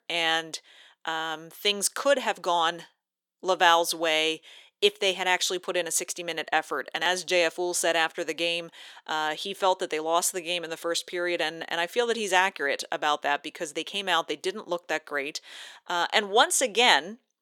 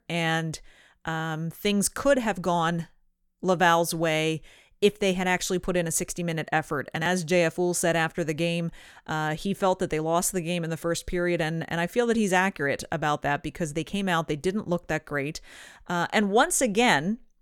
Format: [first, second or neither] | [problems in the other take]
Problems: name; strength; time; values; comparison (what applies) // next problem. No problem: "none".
second | thin; very; fading below 350 Hz